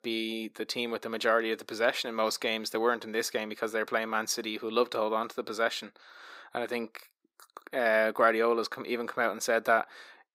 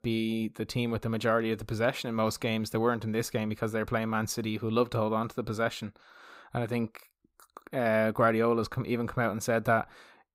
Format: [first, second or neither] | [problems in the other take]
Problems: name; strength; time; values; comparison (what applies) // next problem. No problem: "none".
second | thin; somewhat; fading below 300 Hz